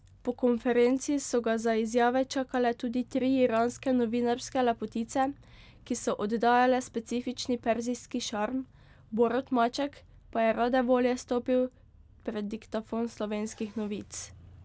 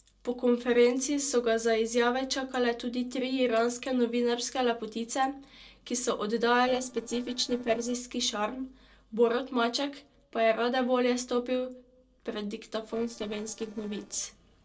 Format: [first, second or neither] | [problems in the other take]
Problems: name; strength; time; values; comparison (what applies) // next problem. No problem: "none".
first | noise reduction (neural separator model SepFormer DNS4)